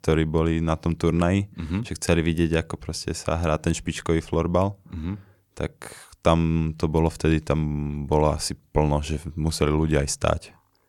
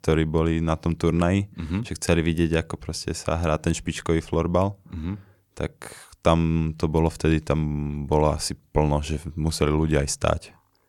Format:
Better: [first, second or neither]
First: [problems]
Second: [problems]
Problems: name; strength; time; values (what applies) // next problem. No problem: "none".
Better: neither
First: none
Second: none